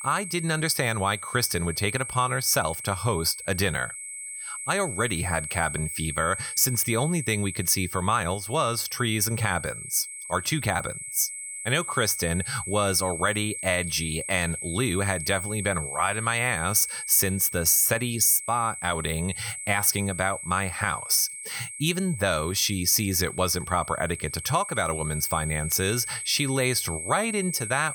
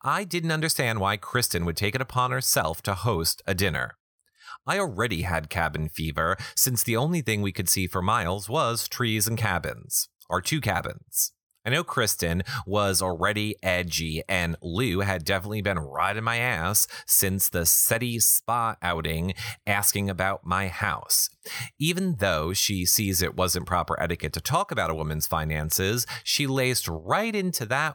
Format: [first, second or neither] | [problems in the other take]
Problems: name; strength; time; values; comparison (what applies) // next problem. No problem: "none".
second | high-pitched whine; loud; throughout; 8 kHz, 8 dB below the speech